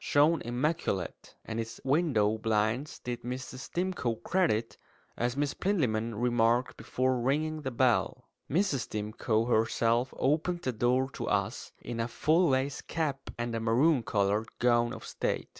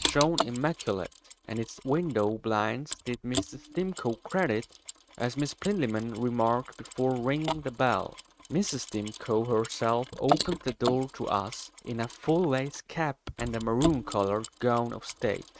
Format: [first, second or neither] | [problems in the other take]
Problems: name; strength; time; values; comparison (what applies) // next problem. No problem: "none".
first | noise reduction (neural mask model RNNoise)